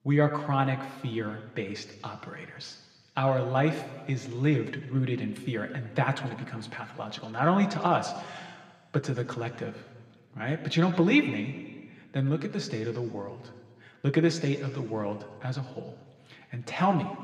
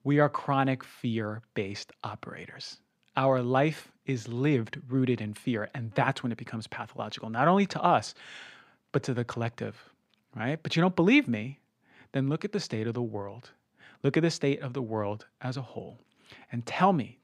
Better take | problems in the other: second | room echo; slight; dies away in 1.6 s

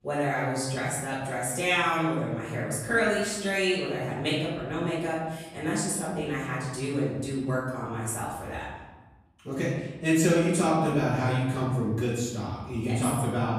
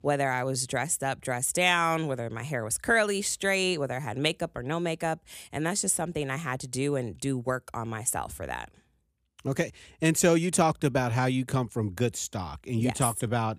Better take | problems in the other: second | room echo; noticeable; dies away in 1.1 s // off-mic speech; far

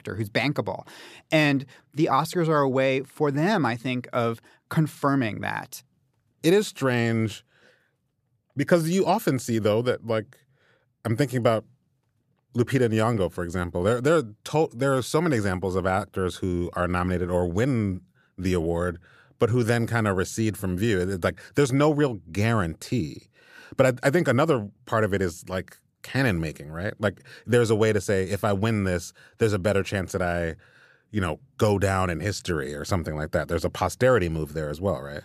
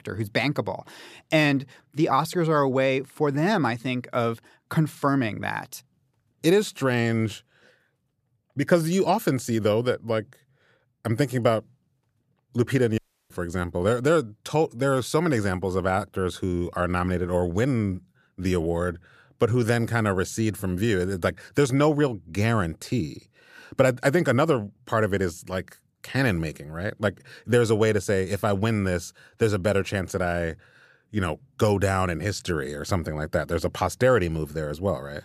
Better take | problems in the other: first | audio cutting out; at 13 s

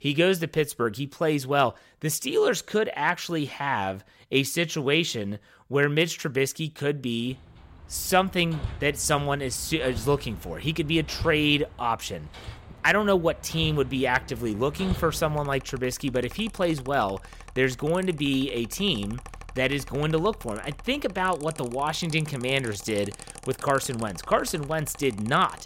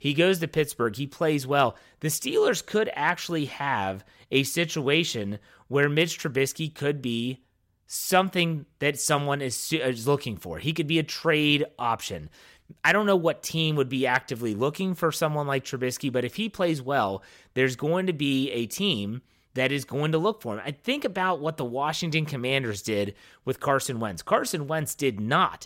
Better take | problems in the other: second | machinery noise; noticeable; from 8 s on; 15 dB below the speech

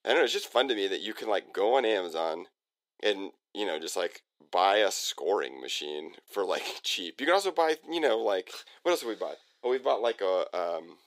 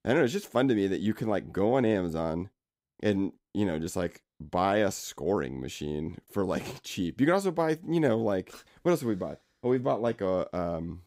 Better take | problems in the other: second | thin; very; fading below 400 Hz

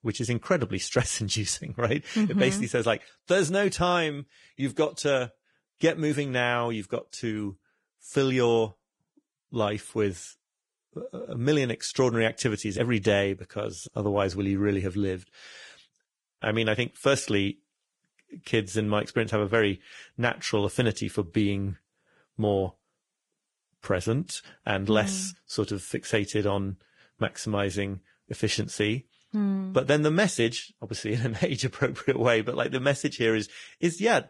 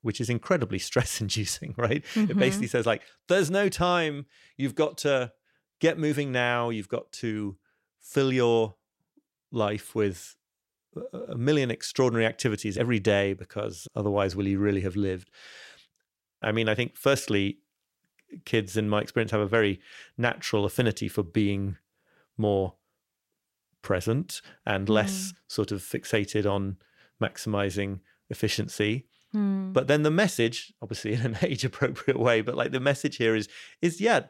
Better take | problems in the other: second | garbled, watery; badly; nothing above 10.5 kHz

